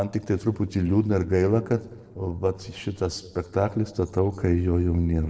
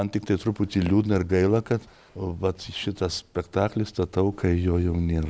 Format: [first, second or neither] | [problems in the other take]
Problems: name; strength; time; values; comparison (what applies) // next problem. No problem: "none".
second | noise reduction (neural separator model SepFormer DNS4)